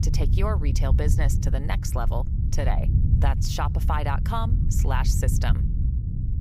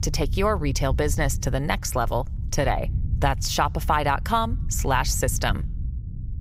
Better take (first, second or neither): second